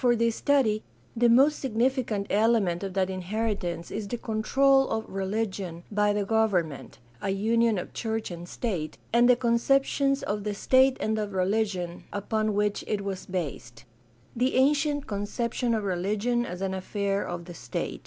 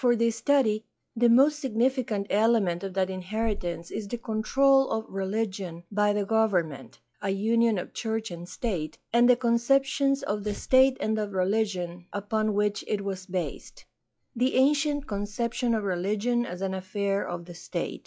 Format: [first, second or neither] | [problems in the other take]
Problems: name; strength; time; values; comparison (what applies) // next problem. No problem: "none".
first | noise reduction (classical method log-MMSE)